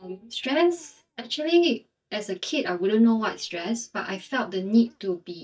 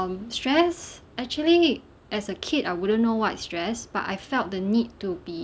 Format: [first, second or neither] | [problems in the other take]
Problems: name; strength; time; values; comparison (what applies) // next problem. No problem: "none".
second | noise reduction (neural mask model DeepFilterNet 3)